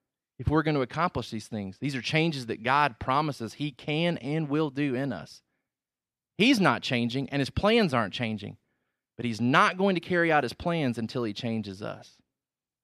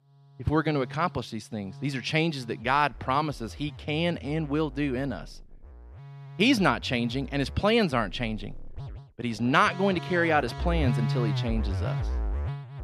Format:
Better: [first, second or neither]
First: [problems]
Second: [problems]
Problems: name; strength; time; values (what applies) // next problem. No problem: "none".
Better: first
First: none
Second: background music; loud; throughout; 8 dB below the speech